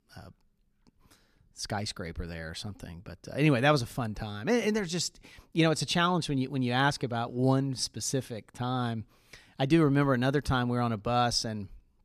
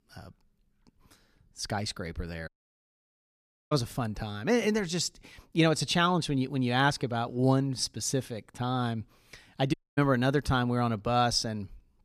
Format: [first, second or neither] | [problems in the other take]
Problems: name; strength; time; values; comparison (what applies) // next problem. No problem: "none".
first | audio cutting out; at 2.5 s for 1 s and at 9.5 s